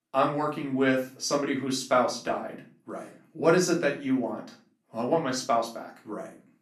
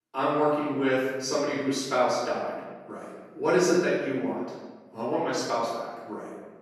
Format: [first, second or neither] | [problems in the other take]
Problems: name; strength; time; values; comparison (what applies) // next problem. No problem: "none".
first | room echo; strong; dies away in 1.2 s; slight in the first // off-mic speech; far; far in the first